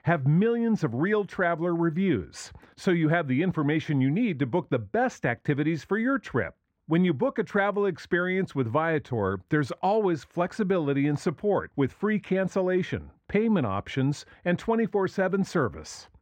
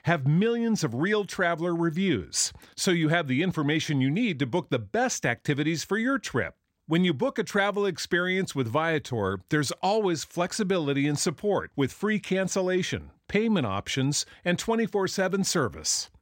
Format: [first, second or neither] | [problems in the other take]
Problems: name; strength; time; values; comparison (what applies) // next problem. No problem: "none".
second | muffled; very; fading above 3 kHz